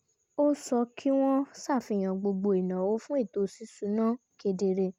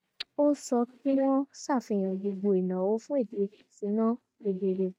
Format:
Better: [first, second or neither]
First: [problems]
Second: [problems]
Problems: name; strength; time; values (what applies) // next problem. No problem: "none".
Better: first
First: none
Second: noise reduction (neural mask model DeepFilterNet 3)